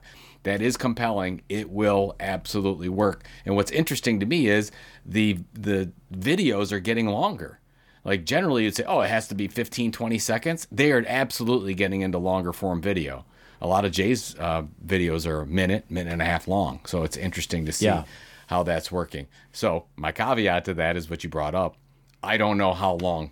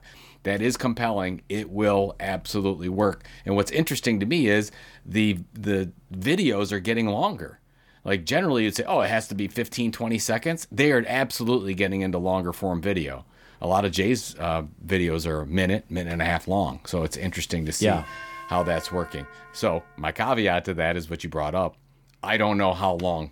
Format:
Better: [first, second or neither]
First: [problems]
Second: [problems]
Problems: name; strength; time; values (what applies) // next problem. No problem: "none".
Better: first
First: none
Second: doorbell; faint; from 18 to 20 s; peak 10 dB below the speech